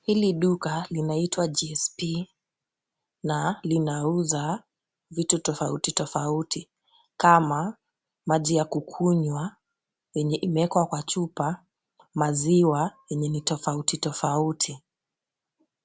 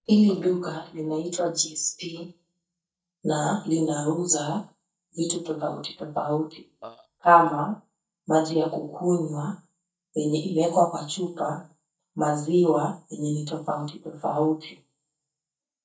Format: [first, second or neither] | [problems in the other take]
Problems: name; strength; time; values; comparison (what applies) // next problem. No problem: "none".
first | noise reduction (neural mask model DeepFilterNet 3)